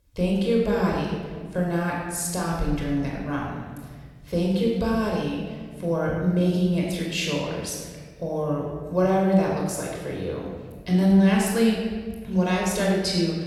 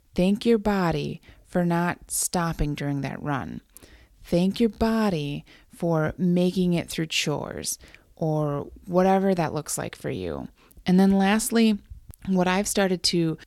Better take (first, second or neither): second